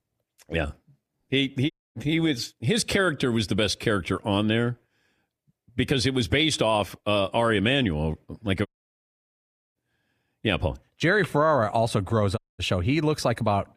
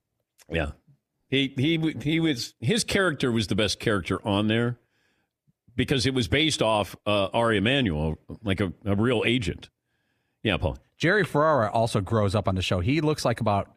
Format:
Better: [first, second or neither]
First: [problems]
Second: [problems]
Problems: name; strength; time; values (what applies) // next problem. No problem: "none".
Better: second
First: audio cutting out; at 1.5 s, at 8.5 s for 1 s and at 12 s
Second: none